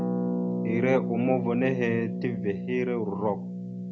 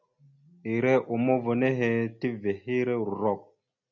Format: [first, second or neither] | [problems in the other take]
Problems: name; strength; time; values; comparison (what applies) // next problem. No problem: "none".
second | background sound (Harp); 2 dB below the speech